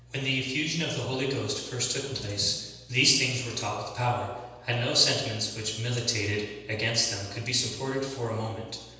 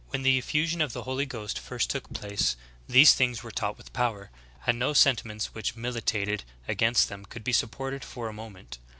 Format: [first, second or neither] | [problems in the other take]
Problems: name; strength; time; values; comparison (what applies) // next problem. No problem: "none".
second | room echo; dies away in 1.1 s